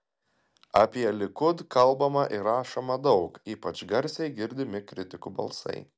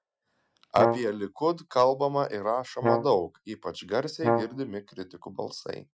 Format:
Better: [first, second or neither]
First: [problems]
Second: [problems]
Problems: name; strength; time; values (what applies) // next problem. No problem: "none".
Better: first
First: none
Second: noise reduction (classical method Wiener filter)